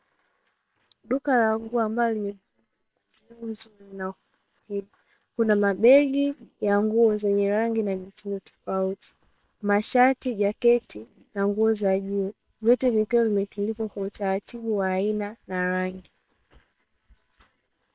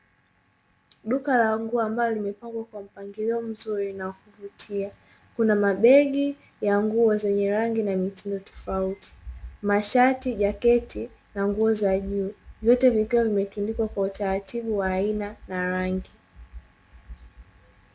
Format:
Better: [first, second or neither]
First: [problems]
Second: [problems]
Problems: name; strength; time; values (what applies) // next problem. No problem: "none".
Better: second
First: noise reduction (neural separator model SepFormer WHAM!)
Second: none